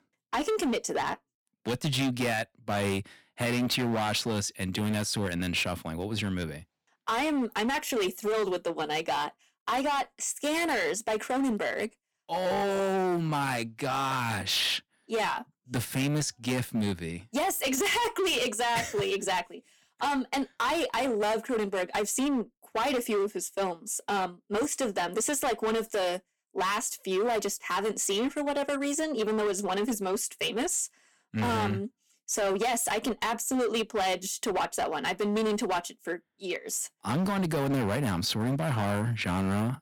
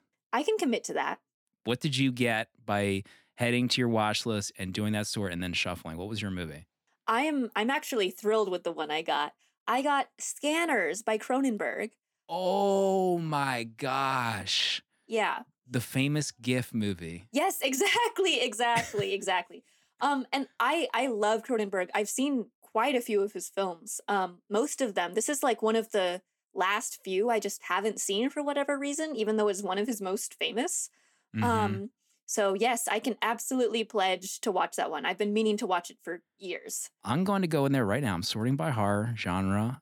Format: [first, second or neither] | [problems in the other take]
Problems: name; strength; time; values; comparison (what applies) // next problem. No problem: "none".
second | distortion; heavy; 17% of the sound clipped